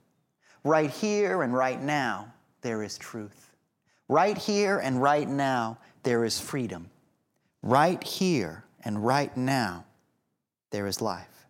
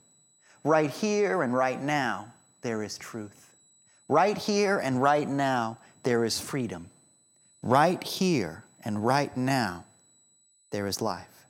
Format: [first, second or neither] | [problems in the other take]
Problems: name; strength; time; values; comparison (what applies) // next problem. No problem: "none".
first | high-pitched whine; faint; throughout; 8 kHz, 35 dB below the speech